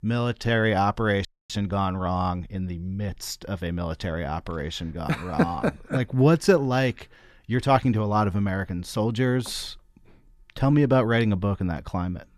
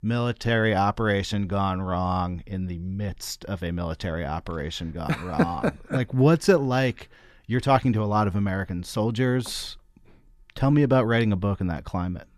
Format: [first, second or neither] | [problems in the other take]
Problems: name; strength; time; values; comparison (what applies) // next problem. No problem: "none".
second | audio freezing; at 1.5 s